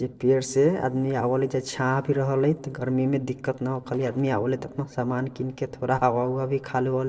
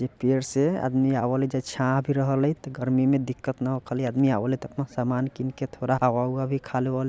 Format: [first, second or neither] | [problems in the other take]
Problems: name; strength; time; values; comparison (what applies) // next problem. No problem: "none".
second | noise reduction (neural separator model SepFormer DNS4)